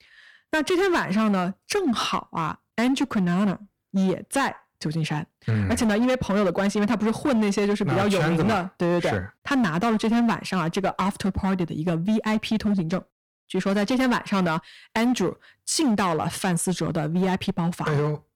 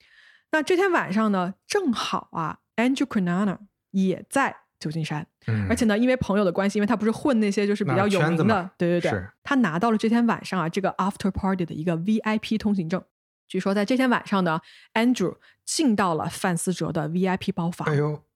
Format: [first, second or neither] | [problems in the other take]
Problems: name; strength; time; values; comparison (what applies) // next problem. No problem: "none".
second | distortion; slight; 16% of the sound clipped